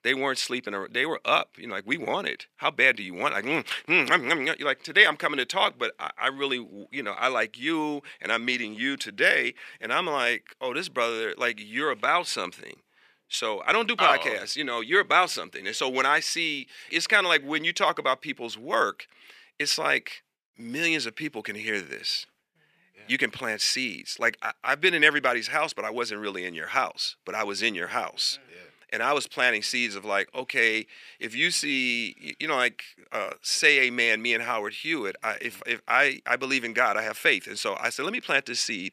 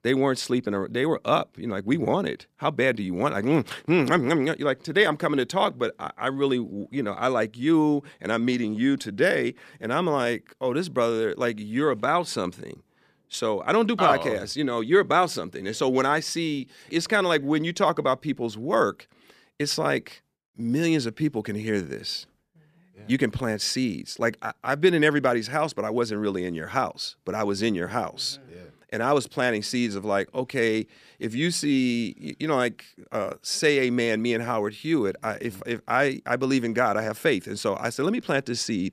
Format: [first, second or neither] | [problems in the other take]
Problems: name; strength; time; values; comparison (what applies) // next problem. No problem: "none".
second | thin; somewhat; fading below 850 Hz